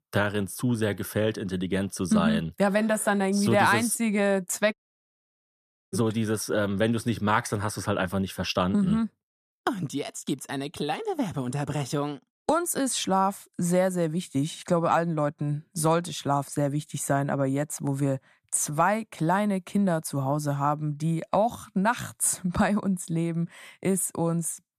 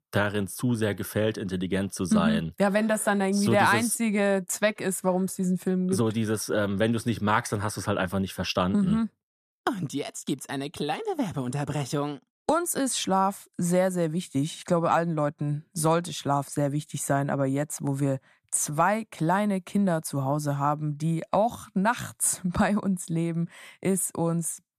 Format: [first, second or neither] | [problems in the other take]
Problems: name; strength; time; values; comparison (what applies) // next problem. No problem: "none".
second | audio cutting out; at 4.5 s for 1 s